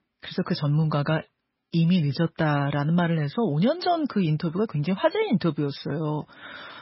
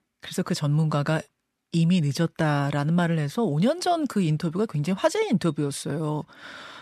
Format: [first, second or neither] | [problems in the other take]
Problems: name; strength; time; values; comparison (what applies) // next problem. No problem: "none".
second | garbled, watery; badly; nothing above 5.5 kHz